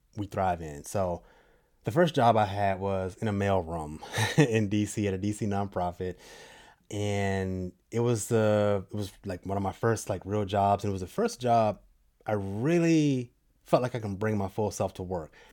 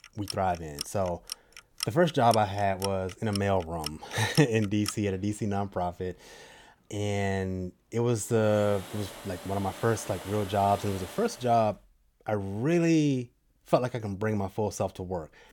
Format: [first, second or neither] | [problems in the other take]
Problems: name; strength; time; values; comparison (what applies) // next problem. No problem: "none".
first | household noises; noticeable; until 11 s; 10 dB below the speech